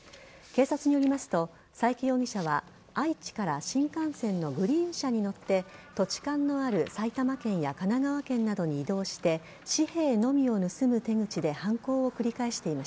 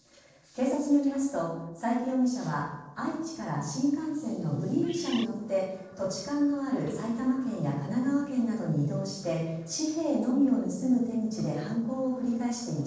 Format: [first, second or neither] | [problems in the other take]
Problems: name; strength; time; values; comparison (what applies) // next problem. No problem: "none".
first | noise reduction (neural separator model SepFormer DNS4)